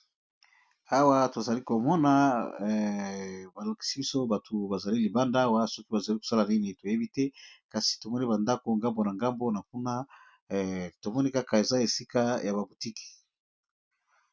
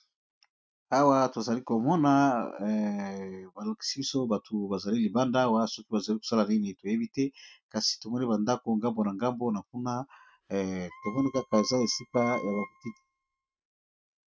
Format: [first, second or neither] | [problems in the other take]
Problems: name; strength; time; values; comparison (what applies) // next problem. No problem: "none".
first | noise reduction (neural mask model RNNoise)